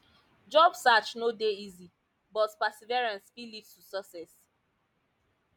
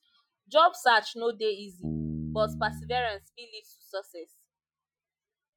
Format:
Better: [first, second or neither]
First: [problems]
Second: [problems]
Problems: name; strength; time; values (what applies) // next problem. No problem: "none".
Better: first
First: none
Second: noise reduction (classical method Wiener filter)